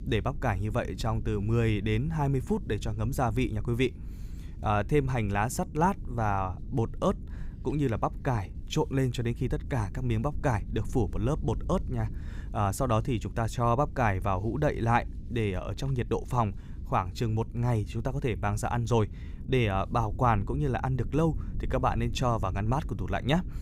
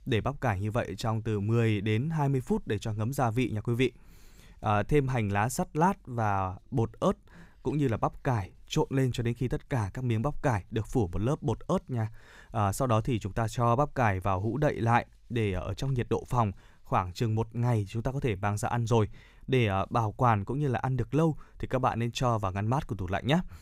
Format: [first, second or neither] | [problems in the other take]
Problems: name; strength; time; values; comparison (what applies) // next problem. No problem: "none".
second | low rumble; faint; throughout; 20 dB below the speech